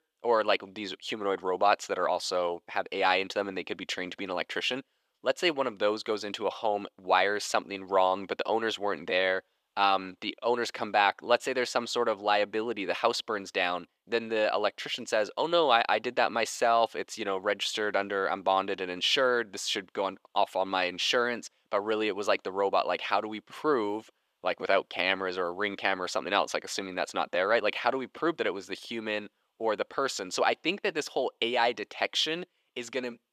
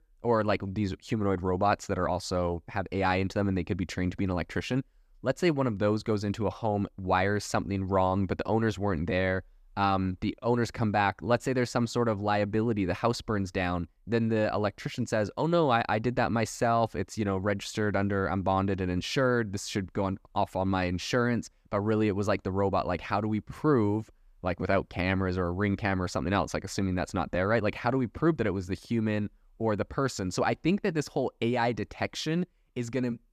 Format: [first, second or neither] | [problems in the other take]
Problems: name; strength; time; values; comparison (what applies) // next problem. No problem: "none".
second | thin; somewhat; fading below 500 Hz